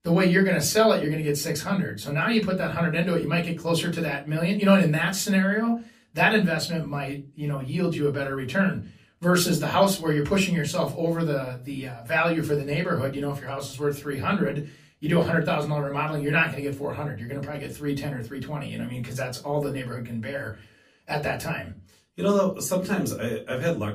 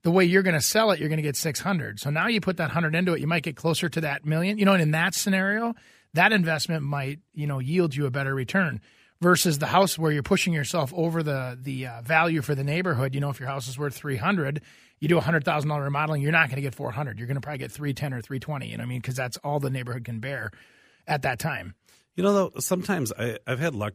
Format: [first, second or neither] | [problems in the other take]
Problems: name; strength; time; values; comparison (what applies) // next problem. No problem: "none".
second | off-mic speech; far // room echo; very slight; dies away in 0.3 s